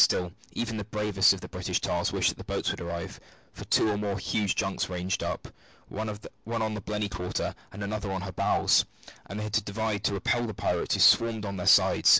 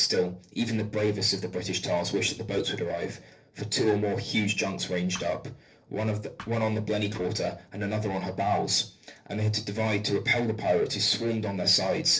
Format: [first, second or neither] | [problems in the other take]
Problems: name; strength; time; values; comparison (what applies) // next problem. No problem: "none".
first | noise reduction (neural separator model SepFormer DNS4)